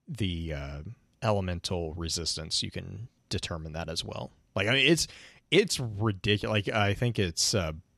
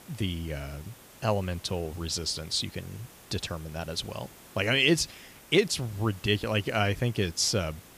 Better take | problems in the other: first | hiss; faint; throughout; 20 dB below the speech

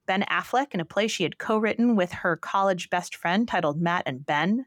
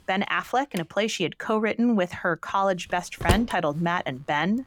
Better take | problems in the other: first | household noises; loud; throughout; 5 dB below the speech

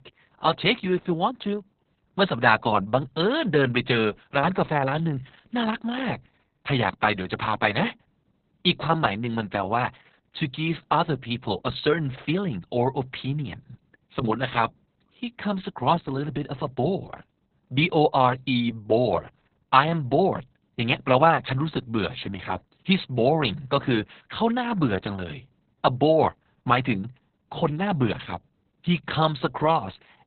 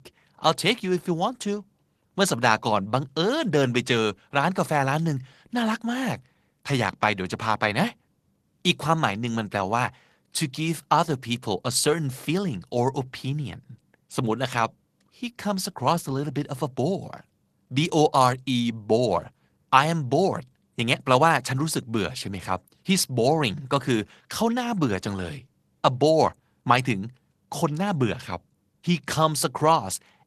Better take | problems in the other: second | garbled, watery; badly; nothing above 4 kHz; slightly in the second

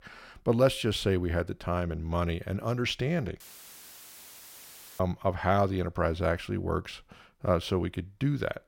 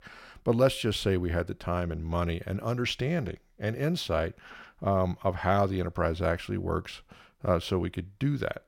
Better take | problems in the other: second | audio cutting out; filled with static; at 3.5 s for 1.5 s

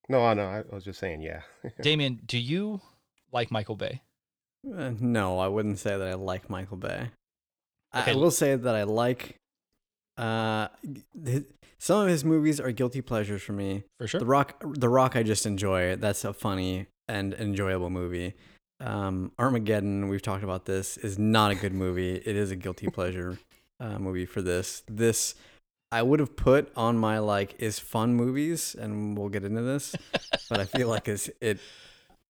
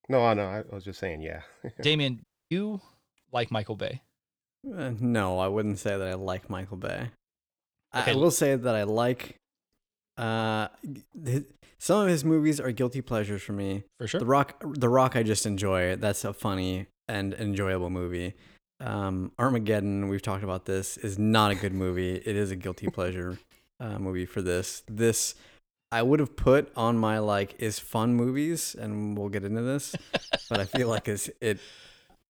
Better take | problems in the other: first | audio cutting out; at 2 s

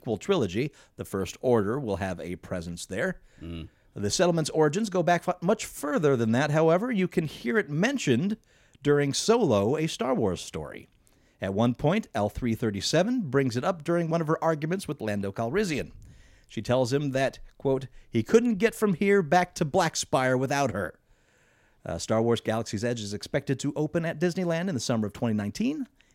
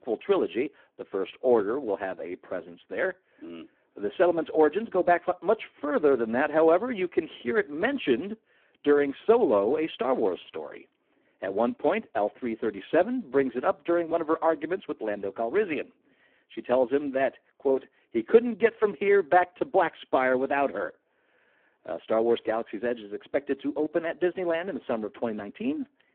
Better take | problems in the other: first | phone-call audio; poor line

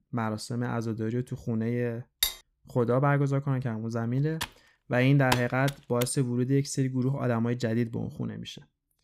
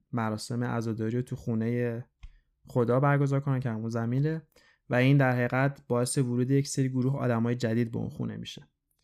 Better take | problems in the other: second | clattering dishes; noticeable; at 2 s; peak level with the speech // keyboard typing; noticeable; from 4.5 to 6 s; peak 3 dB below the speech

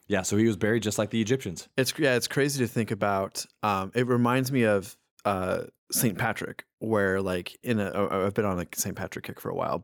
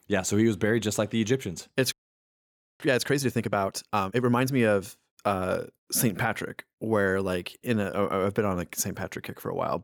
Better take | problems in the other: first | audio freezing; at 2 s for 1 s

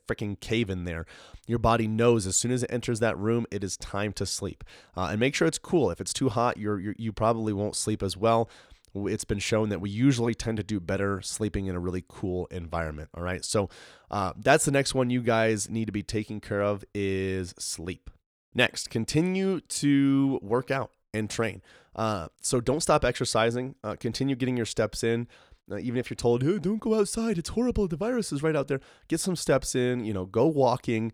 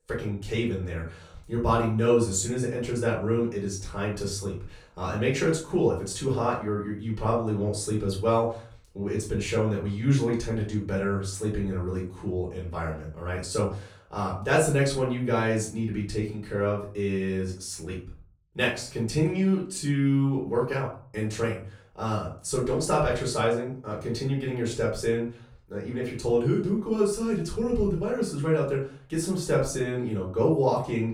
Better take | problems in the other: first | off-mic speech; far // room echo; slight; dies away in 0.4 s

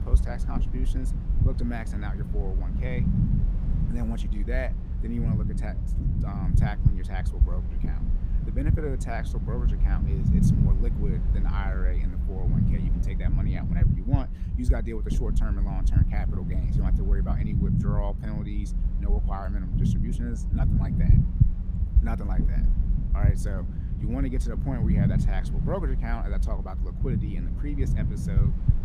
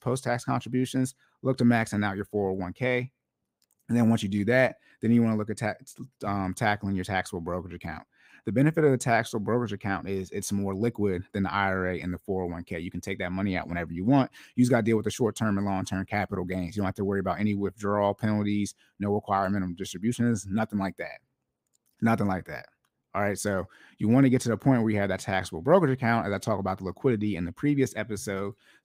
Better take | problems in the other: second | low rumble; loud; throughout; 1 dB below the speech

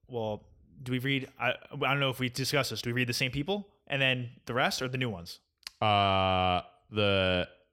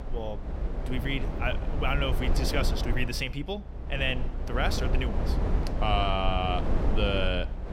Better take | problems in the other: first | low rumble; loud; throughout; 8 dB below the speech

